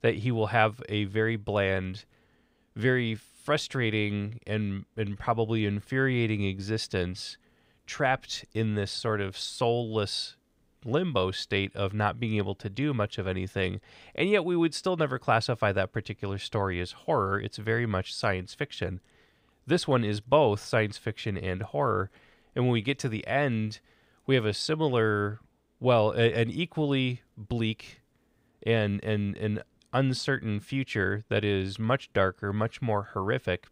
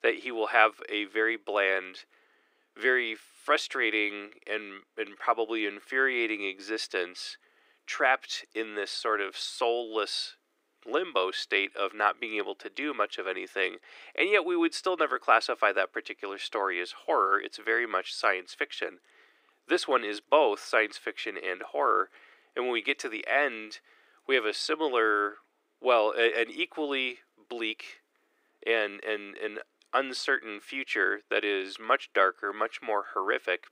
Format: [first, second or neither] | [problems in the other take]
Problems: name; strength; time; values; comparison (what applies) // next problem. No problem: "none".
first | thin; very; fading below 300 Hz